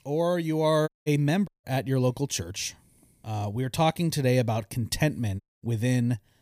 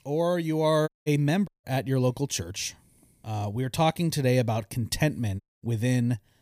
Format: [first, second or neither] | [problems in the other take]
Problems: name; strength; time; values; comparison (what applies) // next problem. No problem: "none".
neither | audio cutting out; at 1 s, at 1.5 s and at 5.5 s; the same in both